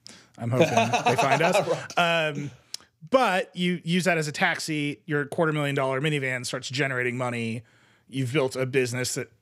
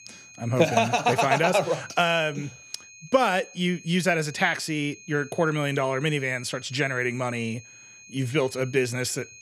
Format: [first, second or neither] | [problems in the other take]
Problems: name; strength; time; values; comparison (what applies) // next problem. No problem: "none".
first | high-pitched whine; faint; throughout; 2.5 kHz, 20 dB below the speech